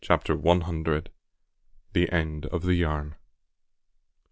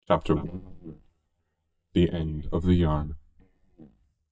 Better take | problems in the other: first | noise reduction (neural mask model DeepFilterNet 3)

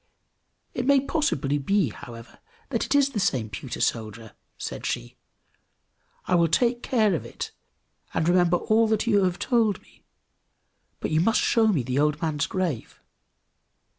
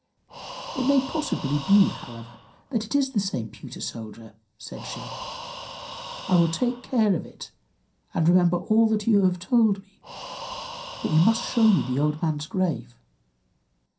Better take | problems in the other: first | background sound (Breathing); 14 dB below the speech // room echo; dies away in 0.3 s

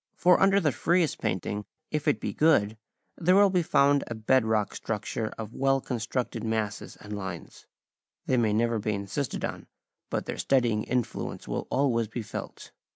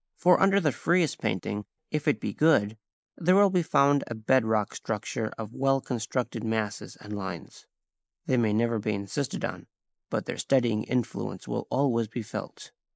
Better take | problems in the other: first | noise reduction (neural mask model Resemble Enhance denoiser)

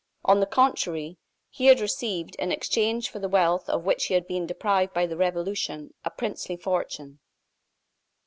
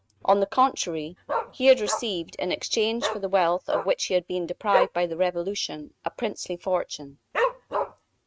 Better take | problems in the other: first | noise reduction (neural mask model RNNoise)

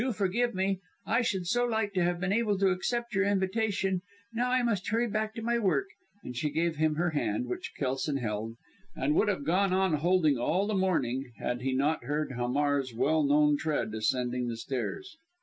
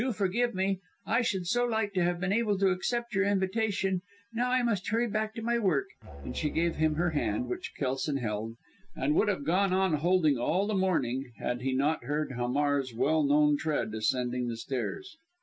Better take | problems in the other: first | background sound (Musical instrument); 13 dB below the speech

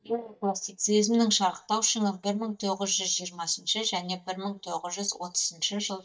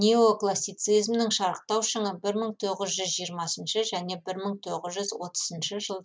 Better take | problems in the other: second | noise reduction (neural mask model DeepFilterNet 3)

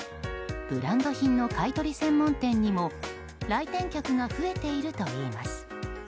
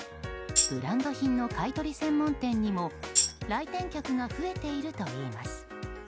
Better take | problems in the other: first | background sound (Tambourine); 1 dB above the speech

